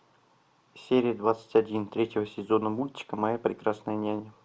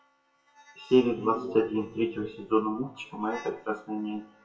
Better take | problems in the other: first | noise reduction (classical method WPE with log-MMSE)

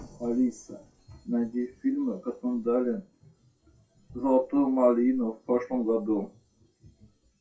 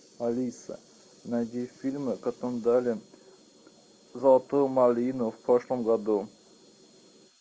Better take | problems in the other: second | noise reduction (classical method WPE with log-MMSE)

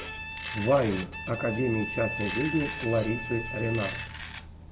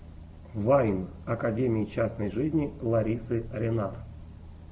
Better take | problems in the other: second | background sound (Domestic sounds, home sounds + Bowed string instrument); 8 dB below the speech

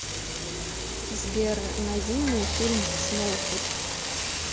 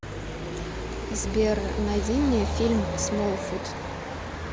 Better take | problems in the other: second | background sound (Frying (food)); 3 dB below the speech

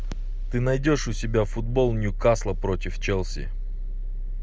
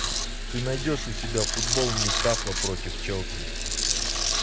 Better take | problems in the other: first | background sound (Bathtub (filling or washing) / Water tap, faucet + Tools); as loud as the speech

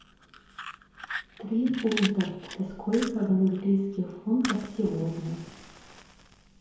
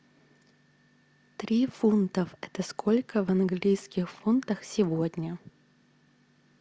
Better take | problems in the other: second | background sound (Fire); 13 dB below the speech // room echo; dies away in 0.9 s

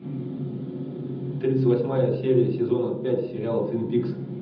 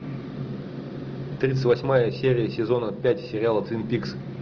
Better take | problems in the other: second | room echo; dies away in 0.8 s

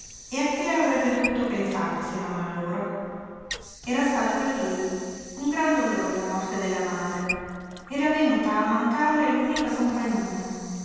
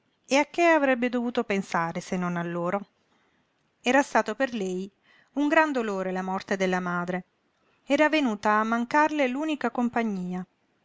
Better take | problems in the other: second | background sound (Sink (filling or washing) / Water); 15 dB below the speech // room echo; dies away in 2.1 s

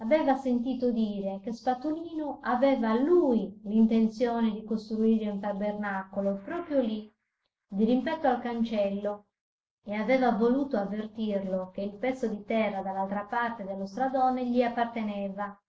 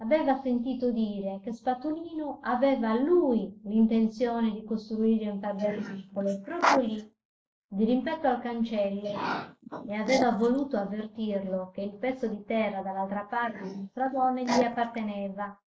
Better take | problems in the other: first | noise reduction (neural mask model Resemble Enhance denoiser)

